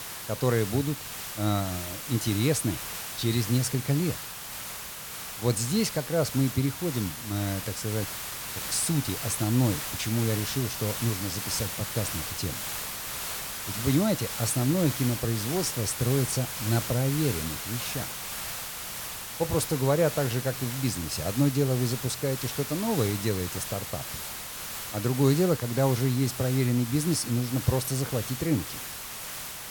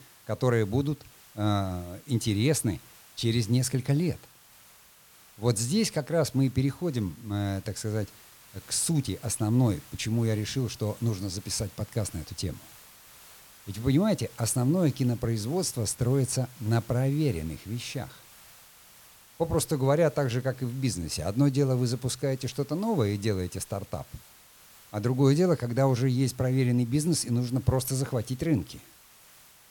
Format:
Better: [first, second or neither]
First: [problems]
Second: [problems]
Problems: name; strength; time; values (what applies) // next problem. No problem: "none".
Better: second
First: hiss; loud; throughout; 5 dB below the speech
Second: hiss; faint; throughout; 25 dB below the speech